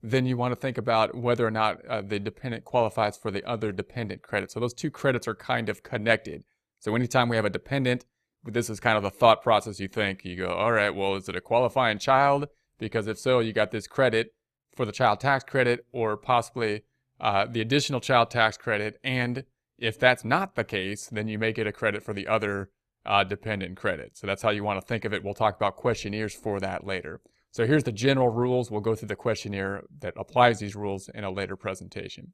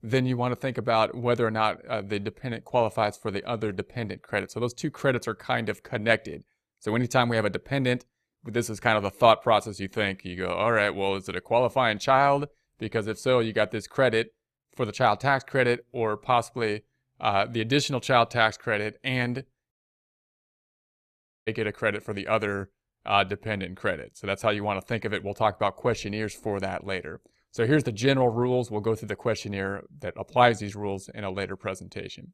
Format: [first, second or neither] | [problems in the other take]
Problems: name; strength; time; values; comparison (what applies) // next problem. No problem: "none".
first | audio cutting out; at 20 s for 1.5 s